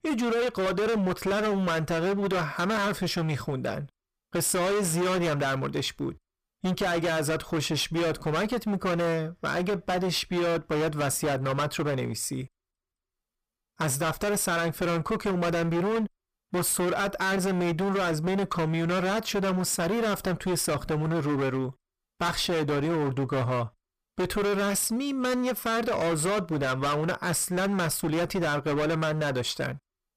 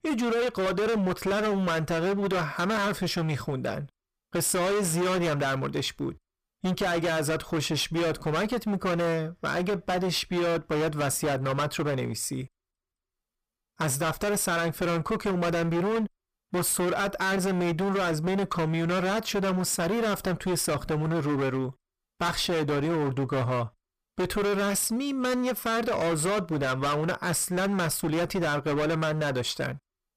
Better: neither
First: distortion; heavy; 29% of the sound clipped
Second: distortion; heavy; 29% of the sound clipped

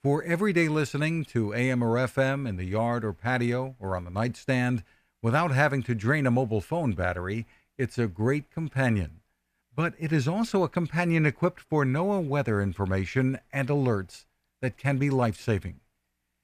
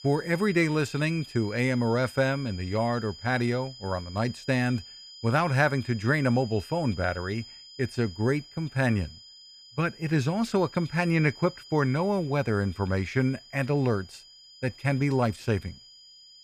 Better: first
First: none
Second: high-pitched whine; noticeable; throughout; 5 kHz, 20 dB below the speech

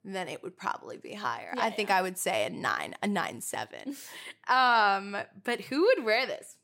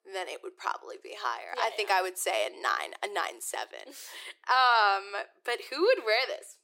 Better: first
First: none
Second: thin; very; fading below 350 Hz

